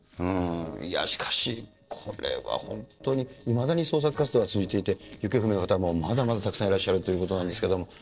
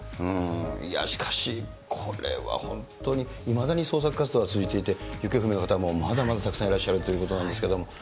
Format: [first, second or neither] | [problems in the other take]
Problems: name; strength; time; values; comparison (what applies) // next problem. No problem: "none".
second | noise reduction (neural separator model SepFormer DNS4)